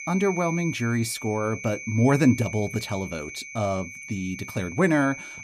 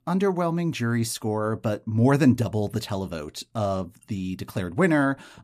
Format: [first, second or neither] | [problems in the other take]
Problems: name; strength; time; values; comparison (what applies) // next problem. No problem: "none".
second | high-pitched whine; noticeable; throughout; 2.5 kHz, 10 dB below the speech